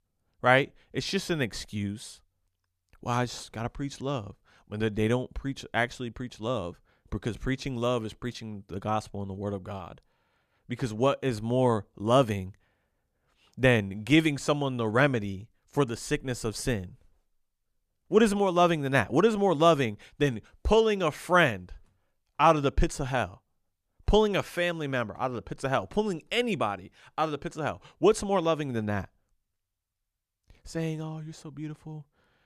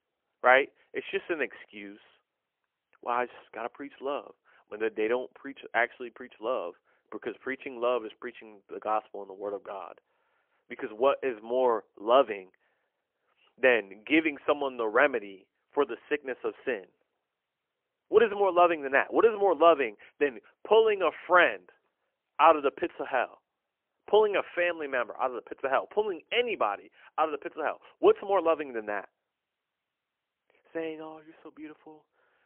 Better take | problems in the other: first | phone-call audio; poor line; nothing above 3 kHz

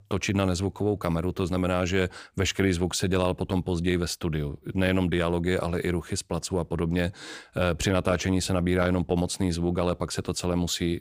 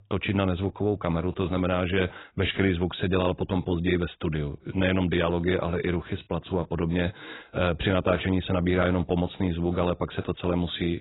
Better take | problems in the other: first | garbled, watery; badly; nothing above 4 kHz

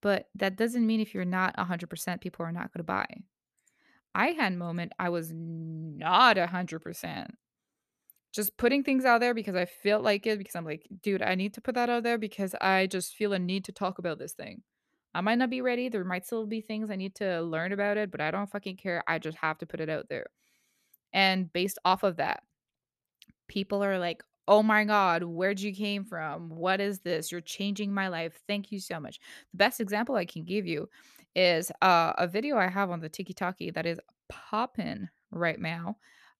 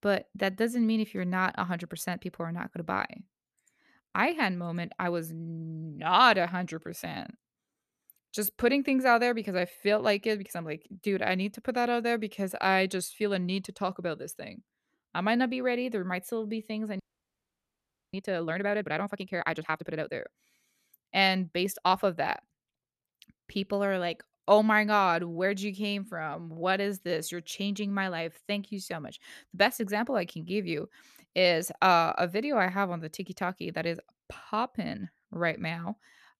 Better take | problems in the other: first | audio freezing; at 17 s for 1 s

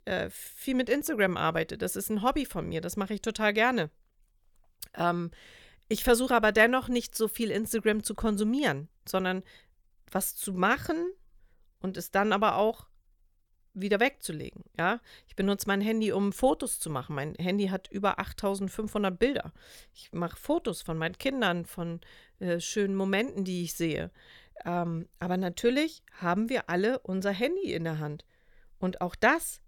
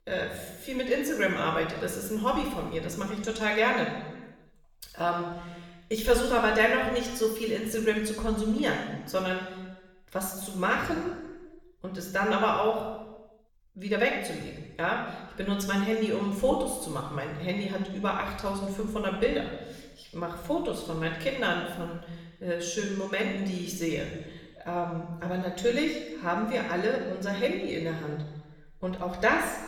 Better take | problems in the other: first | room echo; noticeable; dies away in 1.1 s // off-mic speech; somewhat distant

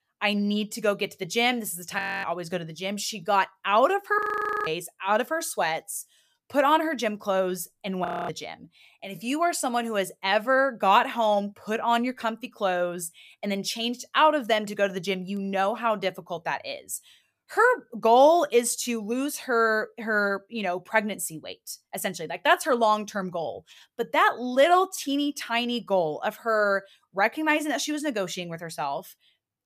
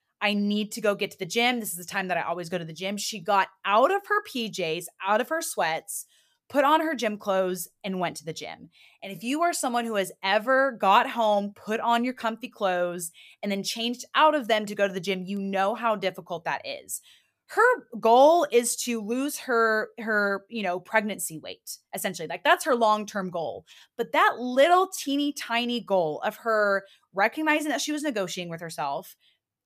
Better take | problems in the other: second | audio freezing; at 2 s, at 4 s and at 8 s

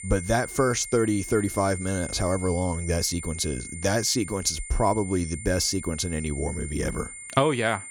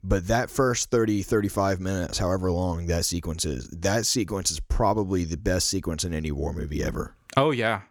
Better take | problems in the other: second | high-pitched whine; noticeable; throughout; 9 kHz, 10 dB below the speech

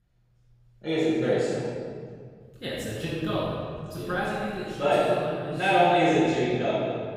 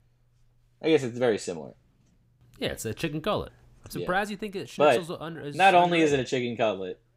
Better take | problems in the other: second | off-mic speech; far // room echo; strong; dies away in 2.1 s

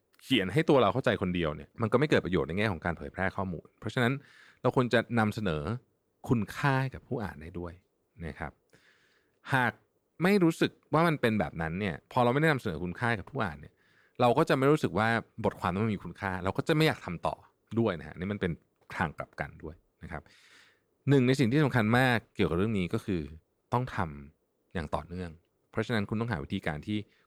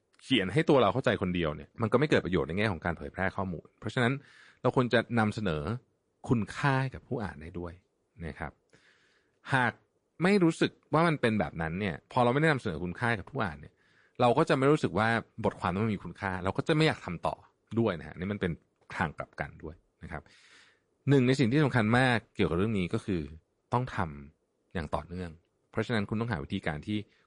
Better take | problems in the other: first | garbled, watery; slightly; nothing above 10 kHz

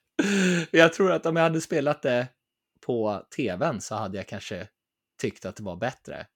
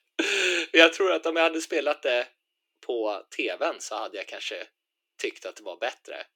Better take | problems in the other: first | thin; very; fading below 300 Hz

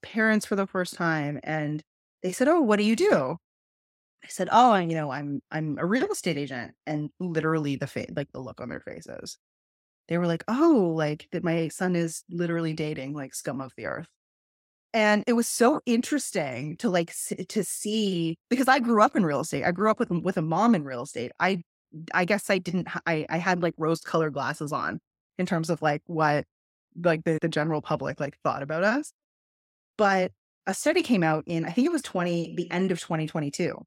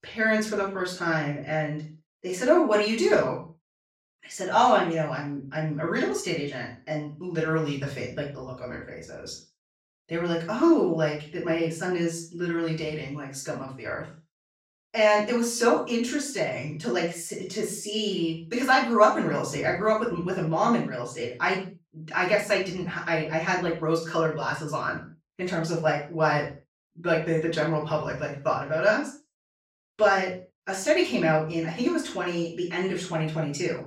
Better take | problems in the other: first | room echo; noticeable; dies away in 0.3 s // off-mic speech; far

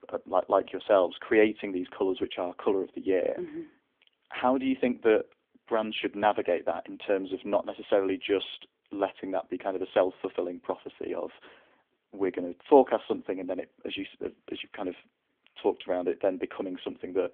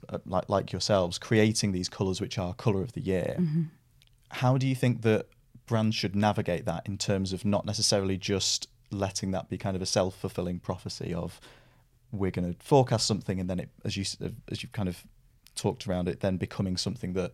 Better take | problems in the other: second | phone-call audio; nothing above 3.5 kHz

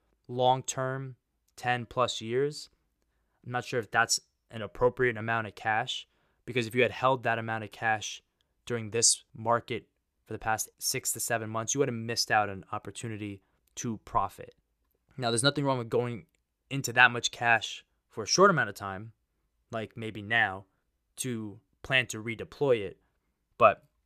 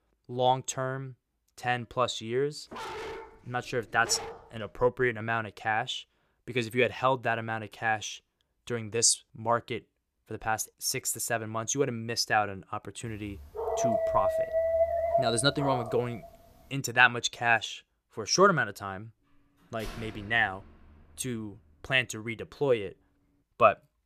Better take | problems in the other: first | dog barking; noticeable; from 2.5 to 4.5 s; peak 9 dB below the speech // dog barking; loud; from 14 to 16 s; peak 2 dB above the speech // door banging; faint; from 20 to 21 s; peak 15 dB below the speech

